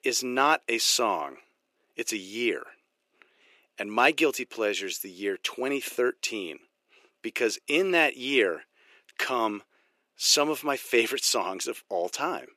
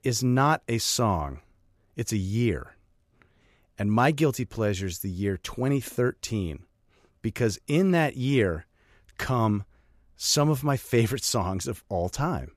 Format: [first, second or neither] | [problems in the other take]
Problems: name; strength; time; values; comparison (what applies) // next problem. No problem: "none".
second | thin; somewhat; fading below 350 Hz